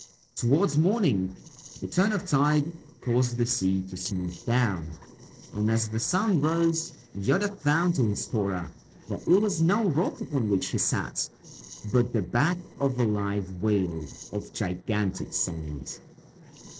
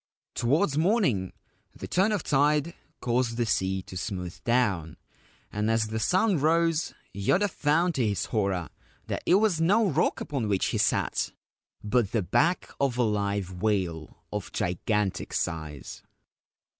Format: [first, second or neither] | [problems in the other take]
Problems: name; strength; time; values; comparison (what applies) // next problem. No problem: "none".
second | noise reduction (neural separator model SepFormer DNS4)